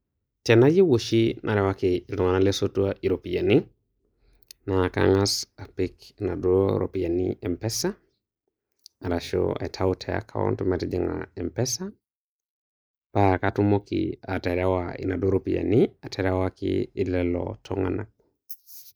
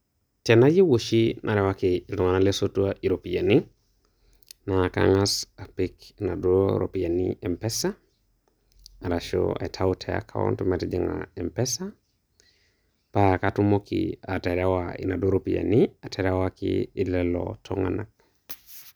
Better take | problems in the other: second | noise reduction (neural mask model Resemble Enhance denoiser)

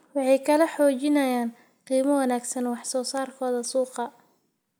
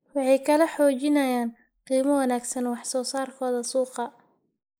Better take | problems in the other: first | noise reduction (neural mask model Resemble Enhance denoiser)

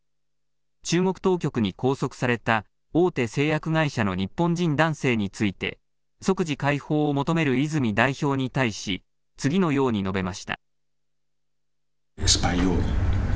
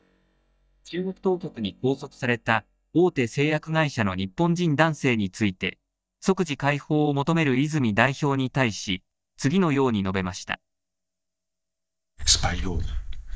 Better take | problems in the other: first | noise reduction (neural mask model DeepFilterNet 3)

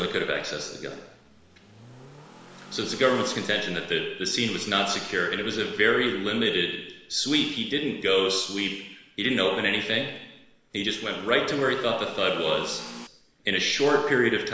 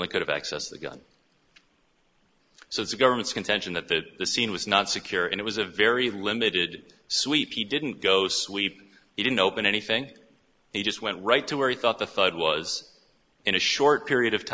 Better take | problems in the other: second | background sound (Accelerating, revving, vroom / Car); 18 dB below the speech // room echo; dies away in 1.1 s

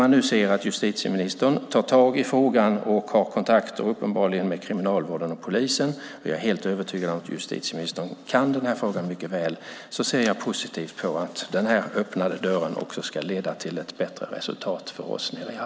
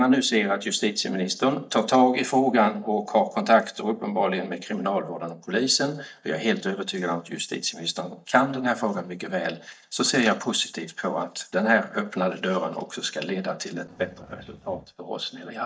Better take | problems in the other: first | noise reduction (neural mask model DeepFilterNet 3)

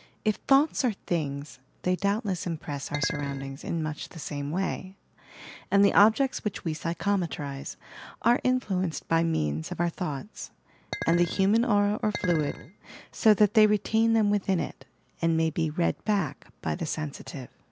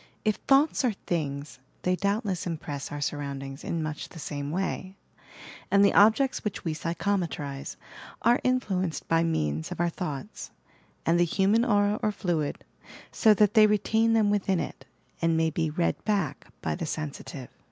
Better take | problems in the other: second | background sound (Chink, clink); 10 dB below the speech

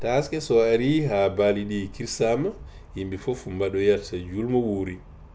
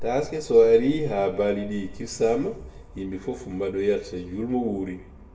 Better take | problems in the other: first | room echo; dies away in 0.9 s

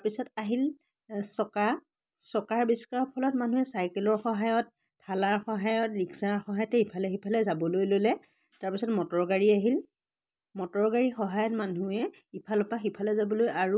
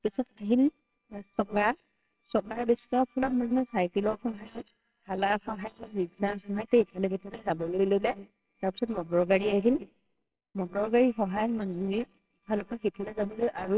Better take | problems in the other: first | noise reduction (neural separator model SepFormer WHAMR!)

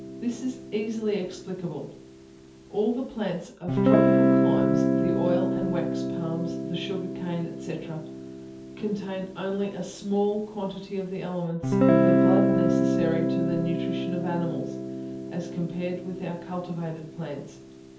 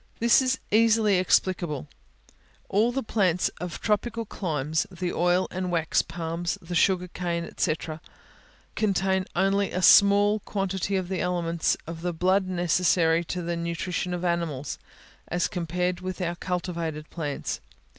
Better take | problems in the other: second | background sound (Guitar); 4 dB above the speech // room echo; dies away in 0.5 s

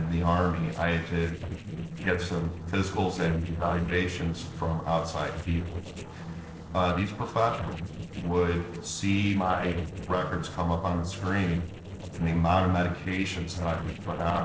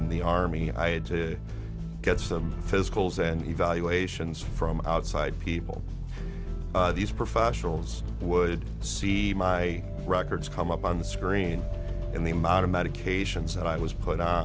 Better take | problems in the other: second | noise reduction (neural separator model SepFormer DNS4)

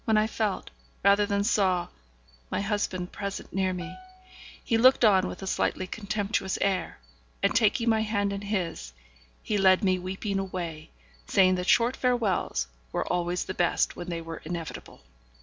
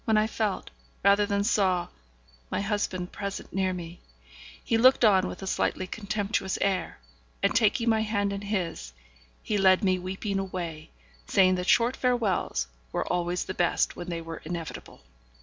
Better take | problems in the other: second | background sound (Piano); 20 dB below the speech

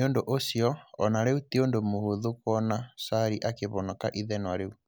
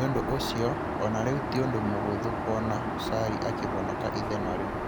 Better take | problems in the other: first | background sound (Aircraft); as loud as the speech

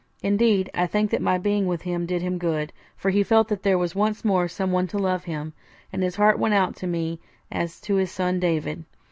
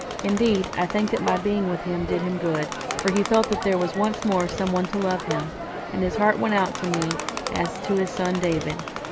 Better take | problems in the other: first | background sound (Crowd); 6 dB below the speech

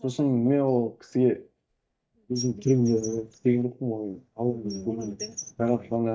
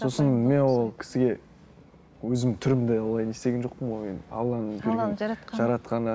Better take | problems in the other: second | noise reduction (neural mask model DeepFilterNet 3)

